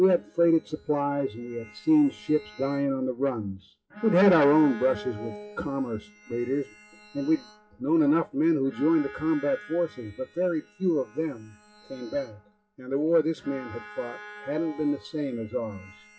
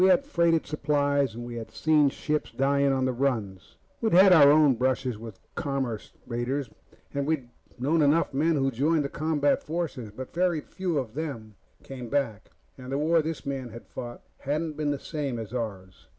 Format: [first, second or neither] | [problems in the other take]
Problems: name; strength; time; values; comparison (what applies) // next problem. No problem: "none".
second | noise reduction (classical method WPE with log-MMSE)